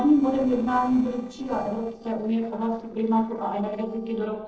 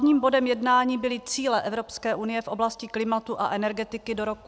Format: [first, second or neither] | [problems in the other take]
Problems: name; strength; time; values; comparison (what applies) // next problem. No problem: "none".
second | noise reduction (neural separator model SepFormer DNS4)